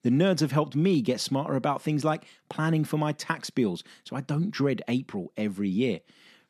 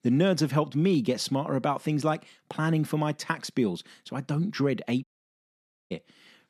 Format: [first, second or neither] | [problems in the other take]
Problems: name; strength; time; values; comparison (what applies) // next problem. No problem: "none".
first | audio cutting out; at 5 s for 1 s